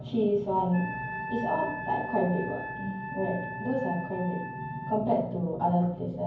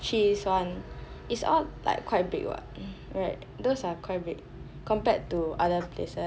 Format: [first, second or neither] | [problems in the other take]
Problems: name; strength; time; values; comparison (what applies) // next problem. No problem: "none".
second | background sound (Wind instrument, woodwind instrument); 10 dB below the speech // room echo; dies away in 0.9 s